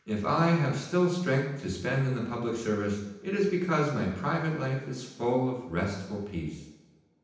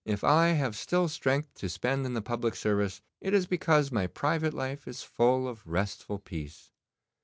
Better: second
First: room echo; dies away in 0.9 s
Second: none

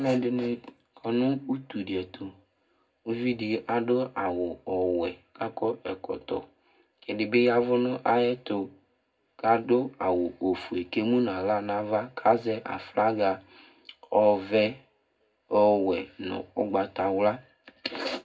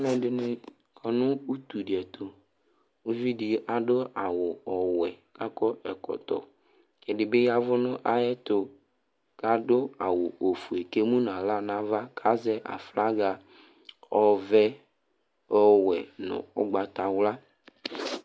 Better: second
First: room echo; dies away in 0.3 s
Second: none

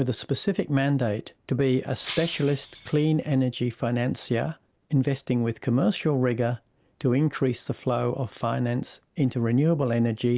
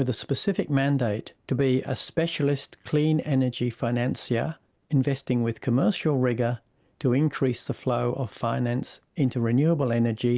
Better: second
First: background sound (Shatter); 16 dB below the speech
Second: none

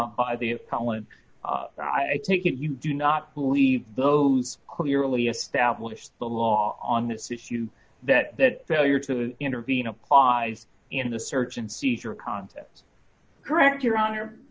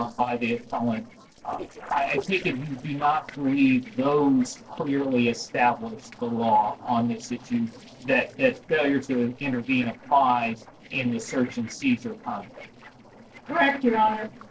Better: first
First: none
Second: noise reduction (neural separator model SepFormer DNS4)

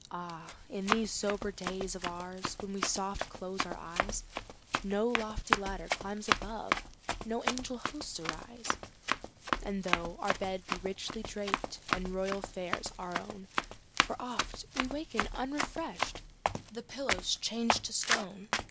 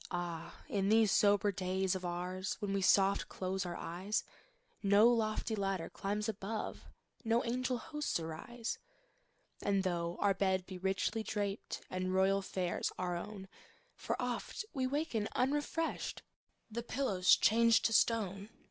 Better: second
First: background sound (Run); 1 dB above the speech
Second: none

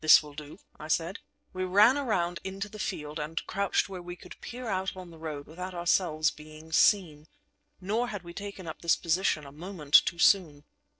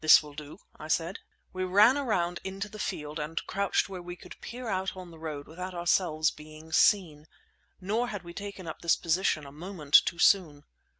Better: second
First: noise reduction (neural separator model SepFormer DNS4)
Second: none

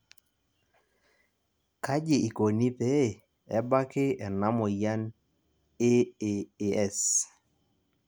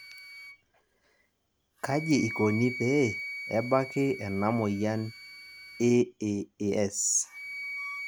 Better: first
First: none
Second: background sound (Wind instrument, woodwind instrument); 12 dB below the speech

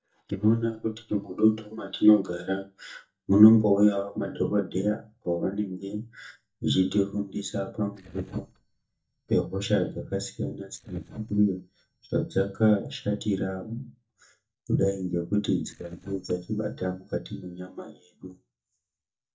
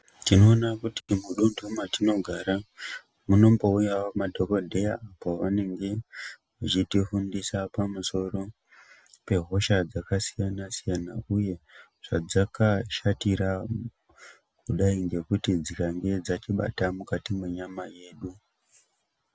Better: second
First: noise reduction (neural mask model DeepFilterNet 3)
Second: none

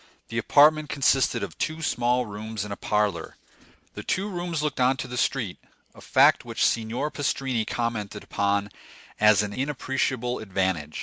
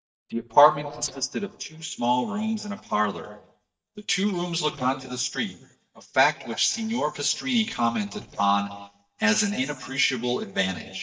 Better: first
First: none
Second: noise reduction (neural mask model DeepFilterNet 3)

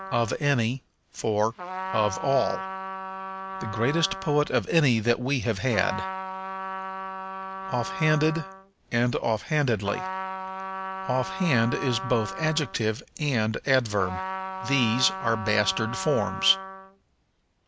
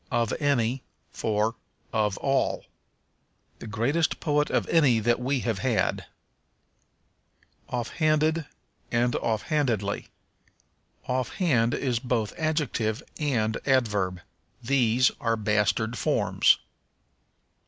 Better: second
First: background sound (Trumpet); 9 dB below the speech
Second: none

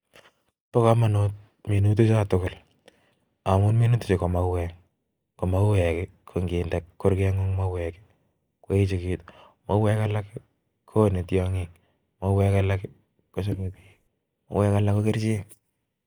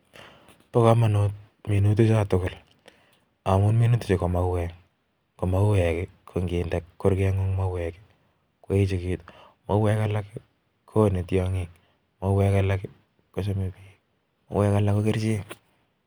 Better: second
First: noise reduction (neural mask model DeepFilterNet 3)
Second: none

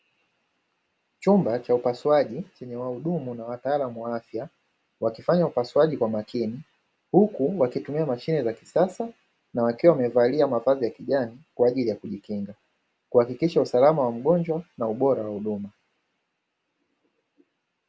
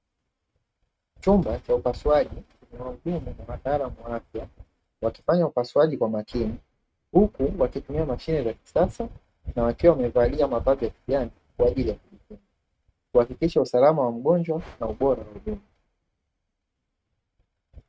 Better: first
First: none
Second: noise reduction (neural mask model RNNoise)

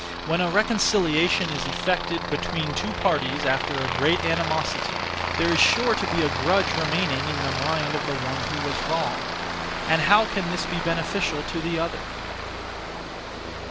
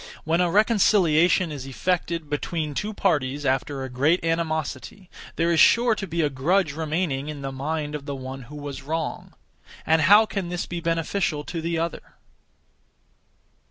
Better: second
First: background sound (Aircraft); 2 dB below the speech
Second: none

